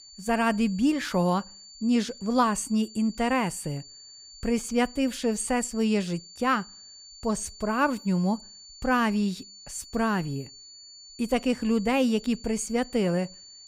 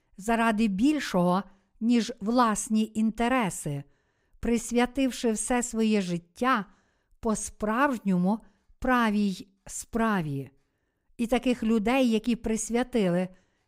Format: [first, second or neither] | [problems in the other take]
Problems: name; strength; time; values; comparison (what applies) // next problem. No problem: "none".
second | high-pitched whine; noticeable; throughout; 4.5 kHz, 20 dB below the speech